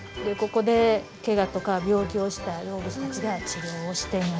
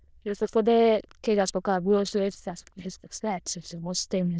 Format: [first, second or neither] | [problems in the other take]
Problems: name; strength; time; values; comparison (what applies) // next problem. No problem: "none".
first | noise reduction (neural diffusion model UNIVERSE++)